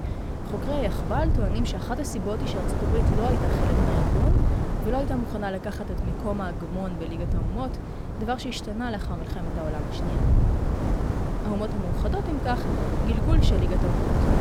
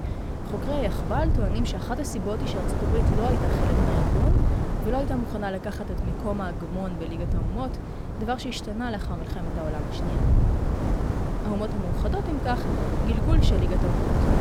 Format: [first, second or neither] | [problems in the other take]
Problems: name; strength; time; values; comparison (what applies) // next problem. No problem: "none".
neither | wind noise on the microphone; heavy; 1 dB below the speech; the same in both